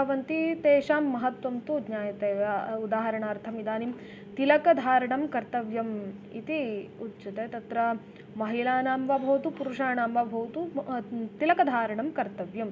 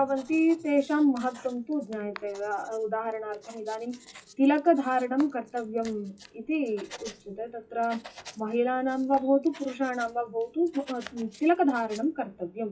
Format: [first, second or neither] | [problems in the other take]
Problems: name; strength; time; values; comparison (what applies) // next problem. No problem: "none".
first | noise reduction (classical method WPE with log-MMSE)